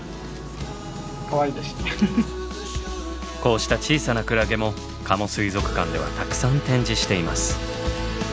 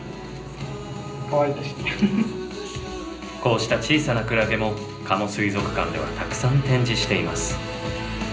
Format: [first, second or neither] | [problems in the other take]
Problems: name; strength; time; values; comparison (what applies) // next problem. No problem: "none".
first | room echo; dies away in 0.5 s